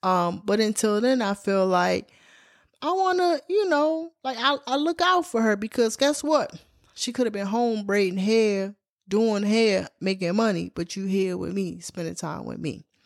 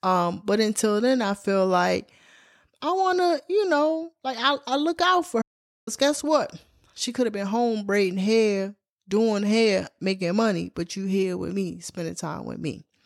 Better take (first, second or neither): first